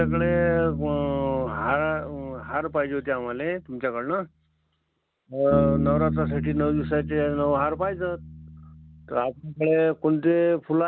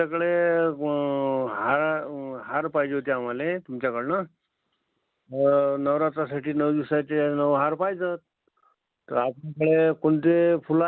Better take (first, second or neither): second